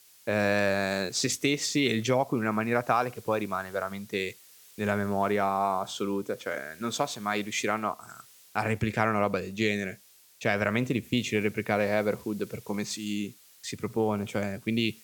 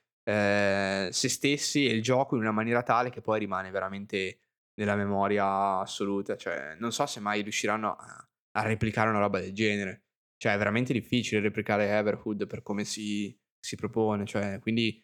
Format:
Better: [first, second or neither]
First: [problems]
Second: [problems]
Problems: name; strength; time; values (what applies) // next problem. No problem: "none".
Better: second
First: hiss; faint; throughout; 25 dB below the speech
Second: none